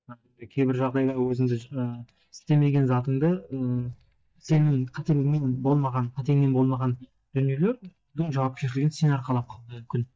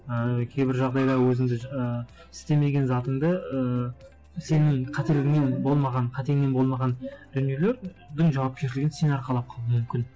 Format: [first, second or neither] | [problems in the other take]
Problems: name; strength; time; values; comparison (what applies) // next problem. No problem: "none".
second | noise reduction (neural mask model DeepFilterNet 3)